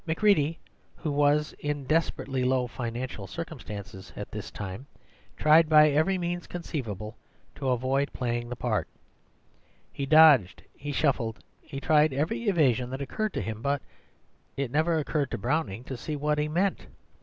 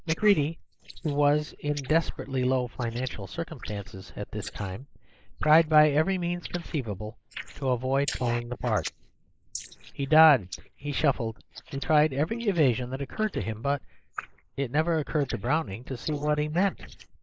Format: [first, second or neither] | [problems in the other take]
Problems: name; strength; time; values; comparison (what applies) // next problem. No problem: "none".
first | noise reduction (neural mask model Resemble Enhance denoiser)